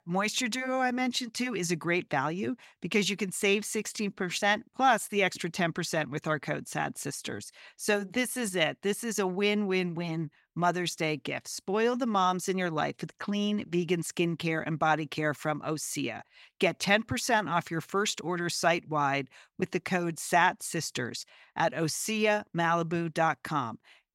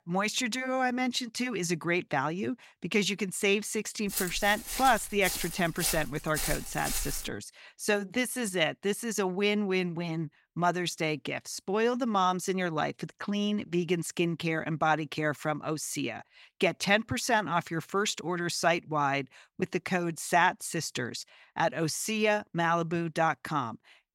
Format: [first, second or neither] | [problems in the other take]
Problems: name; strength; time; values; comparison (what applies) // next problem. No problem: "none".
first | footsteps; noticeable; from 4 to 7.5 s; peak 2 dB below the speech